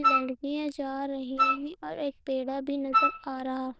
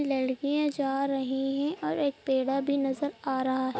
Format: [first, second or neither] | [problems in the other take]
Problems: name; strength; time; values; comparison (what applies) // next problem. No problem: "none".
second | noise reduction (neural diffusion model UNIVERSE++)